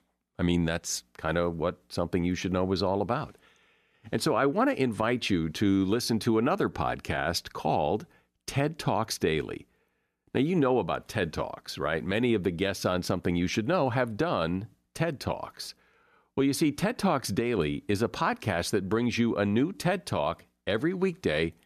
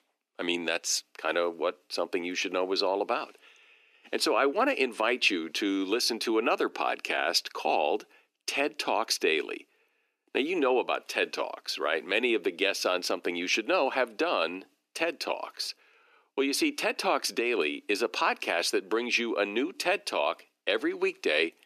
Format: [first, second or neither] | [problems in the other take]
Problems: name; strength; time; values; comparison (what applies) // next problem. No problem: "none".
first | thin; somewhat; fading below 300 Hz